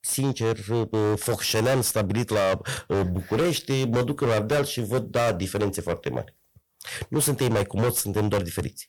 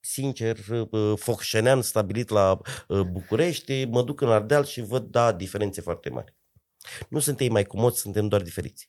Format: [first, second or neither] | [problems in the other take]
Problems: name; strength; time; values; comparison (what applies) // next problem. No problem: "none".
second | distortion; heavy; 17% of the sound clipped